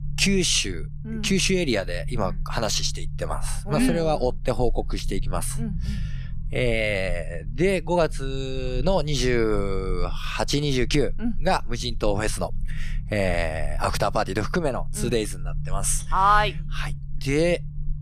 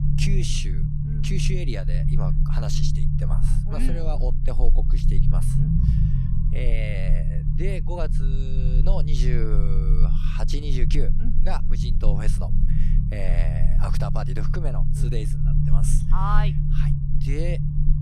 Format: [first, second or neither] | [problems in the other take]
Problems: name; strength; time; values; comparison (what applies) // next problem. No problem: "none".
first | low rumble; loud; throughout; 3 dB below the speech; faint in the first